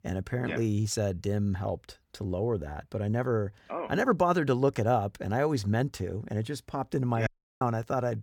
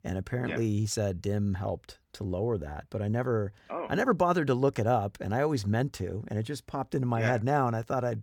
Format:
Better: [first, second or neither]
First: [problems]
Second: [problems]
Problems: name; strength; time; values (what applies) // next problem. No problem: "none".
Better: second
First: audio cutting out; at 7.5 s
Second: none